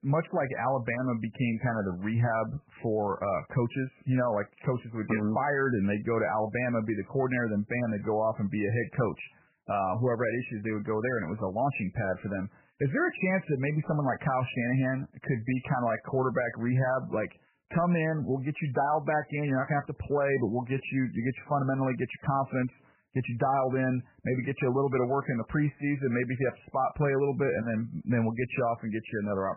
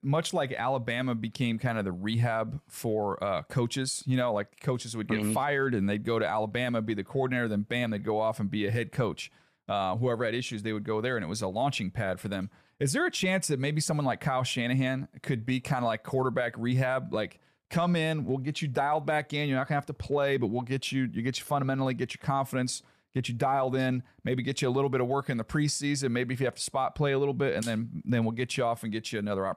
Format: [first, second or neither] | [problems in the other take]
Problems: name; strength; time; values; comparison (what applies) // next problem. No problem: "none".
second | garbled, watery; badly; nothing above 2.5 kHz